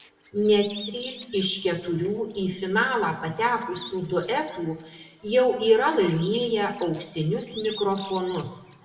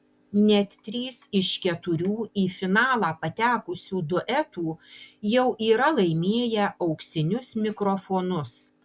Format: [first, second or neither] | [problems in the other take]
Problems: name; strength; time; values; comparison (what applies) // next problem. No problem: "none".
second | background sound (Bird); 19 dB below the speech // room echo; dies away in 0.9 s